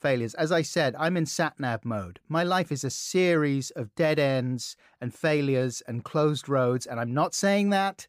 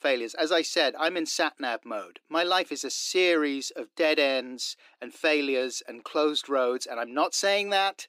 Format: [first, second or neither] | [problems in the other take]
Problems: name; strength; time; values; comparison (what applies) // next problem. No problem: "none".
first | thin; somewhat; fading below 300 Hz